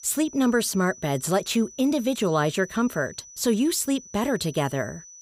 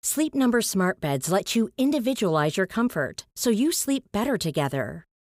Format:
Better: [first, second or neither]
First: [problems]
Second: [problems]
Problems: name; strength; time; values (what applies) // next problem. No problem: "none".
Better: second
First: high-pitched whine; noticeable; throughout; 6 kHz, 20 dB below the speech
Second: none